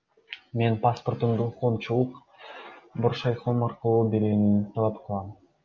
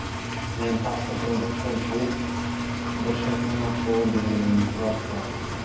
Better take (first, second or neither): first